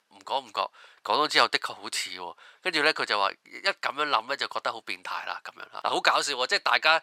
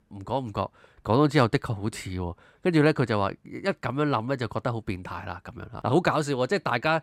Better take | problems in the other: second | thin; very; fading below 900 Hz

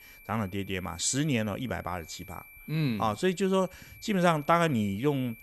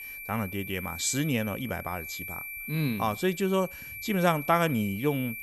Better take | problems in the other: first | high-pitched whine; loud; throughout; 2.5 kHz, 9 dB below the speech; faint in the first

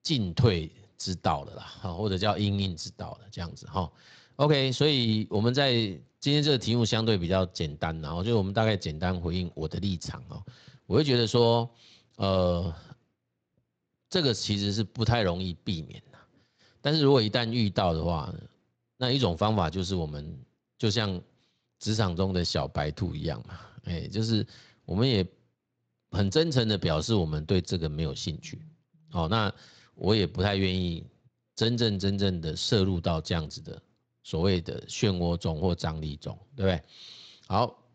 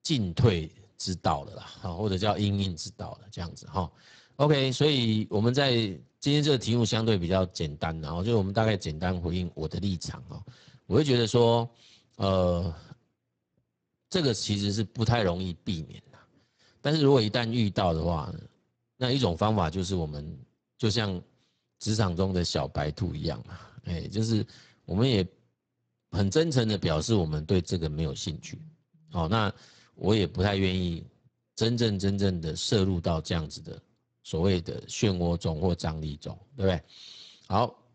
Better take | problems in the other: first | garbled, watery; badly; nothing above 8 kHz; slightly in the first

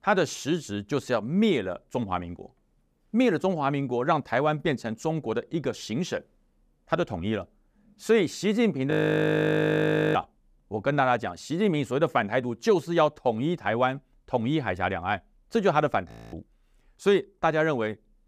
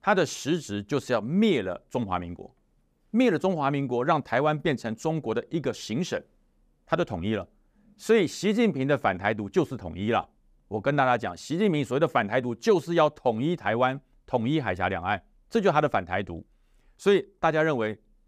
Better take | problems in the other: second | audio freezing; at 9 s for 1 s and at 16 s

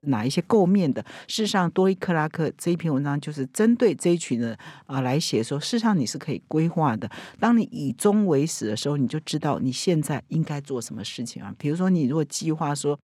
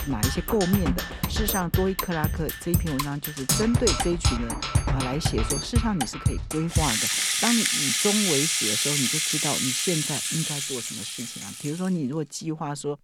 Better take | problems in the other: first | background music; very loud; throughout; 4 dB above the speech

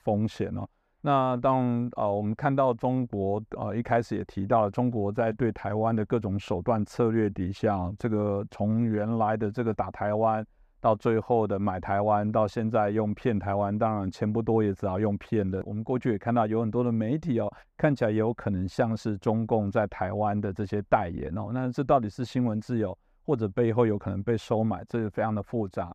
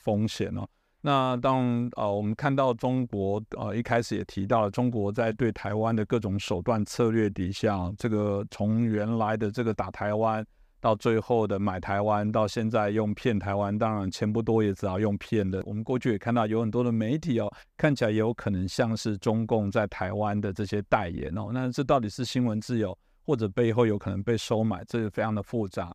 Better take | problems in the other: second | muffled; slightly; fading above 2.5 kHz

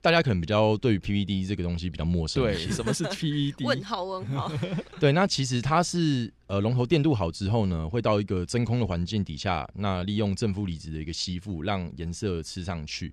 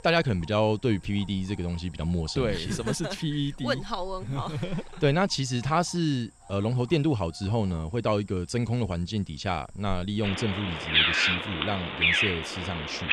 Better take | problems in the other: first | animal sounds; very loud; throughout; 3 dB above the speech

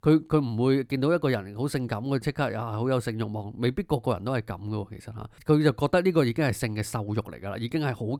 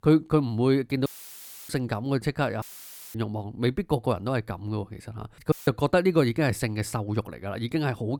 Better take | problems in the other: first | audio cutting out; filled with static; at 1 s for 0.5 s, at 2.5 s for 0.5 s and at 5.5 s

